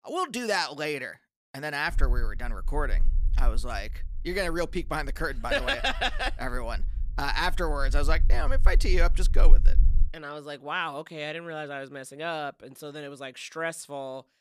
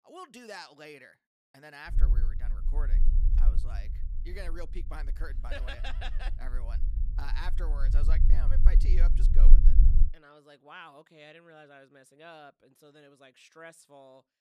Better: first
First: low rumble; faint; from 2 to 10 s; 25 dB below the speech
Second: low rumble; loud; from 2 to 10 s; 6 dB below the speech

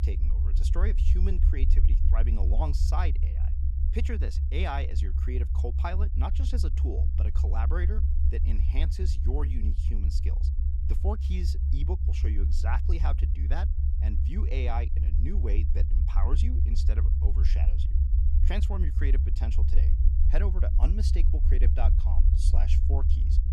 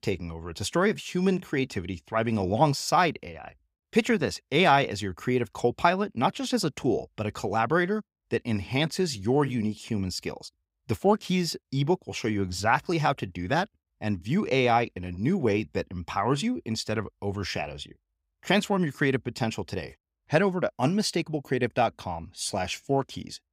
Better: second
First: low rumble; loud; throughout; 5 dB below the speech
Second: none

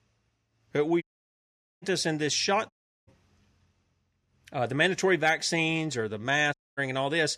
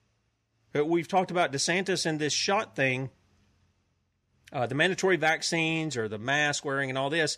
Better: second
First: audio cutting out; at 1 s for 1 s, at 2.5 s and at 6.5 s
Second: none

